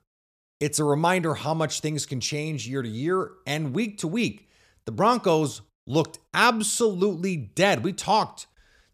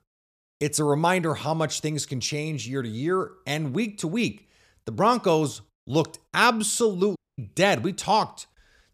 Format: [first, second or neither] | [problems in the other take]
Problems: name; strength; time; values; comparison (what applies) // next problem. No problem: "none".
first | audio cutting out; at 7 s